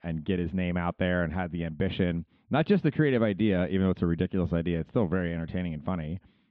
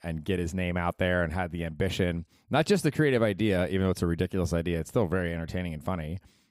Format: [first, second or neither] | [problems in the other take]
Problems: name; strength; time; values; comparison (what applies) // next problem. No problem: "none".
second | muffled; very; fading above 3.5 kHz